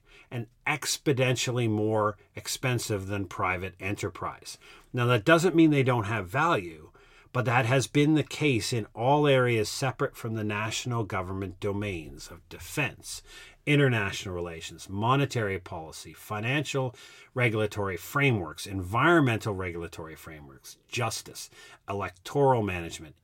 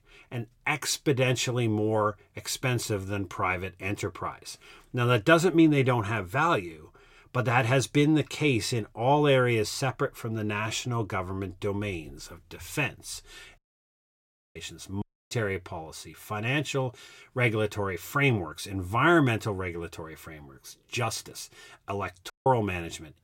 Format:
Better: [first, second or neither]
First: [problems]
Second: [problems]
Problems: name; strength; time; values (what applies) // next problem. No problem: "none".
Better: first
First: none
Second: audio cutting out; at 14 s for 1 s, at 15 s and at 22 s